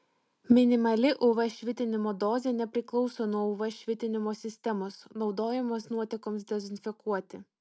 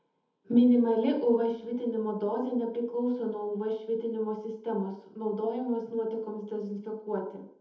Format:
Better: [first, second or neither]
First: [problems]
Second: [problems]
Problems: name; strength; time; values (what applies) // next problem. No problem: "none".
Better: first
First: none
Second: room echo; dies away in 0.7 s